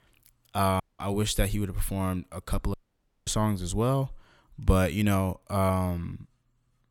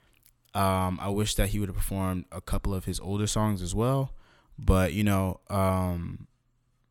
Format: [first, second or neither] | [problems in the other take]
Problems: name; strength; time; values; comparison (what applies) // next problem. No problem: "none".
second | audio cutting out; at 1 s and at 2.5 s for 0.5 s